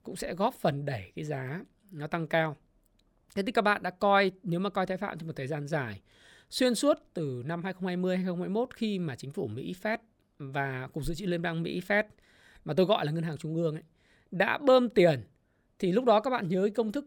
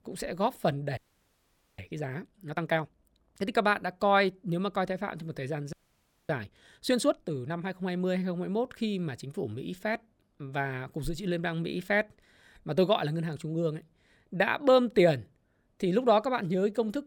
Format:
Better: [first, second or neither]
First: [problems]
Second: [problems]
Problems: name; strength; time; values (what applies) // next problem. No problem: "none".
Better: first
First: none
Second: audio freezing; at 1 s for 1 s and at 5.5 s for 0.5 s